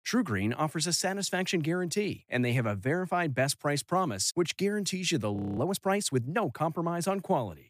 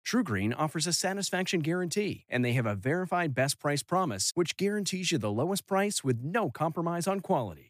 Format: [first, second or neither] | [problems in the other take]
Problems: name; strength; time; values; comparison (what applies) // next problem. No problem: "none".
second | audio freezing; at 5.5 s